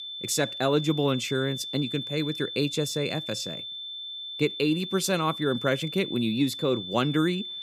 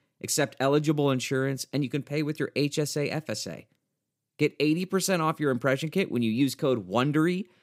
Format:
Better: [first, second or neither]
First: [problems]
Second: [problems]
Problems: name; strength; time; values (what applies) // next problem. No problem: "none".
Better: second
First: high-pitched whine; loud; throughout; 3.5 kHz, 7 dB below the speech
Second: none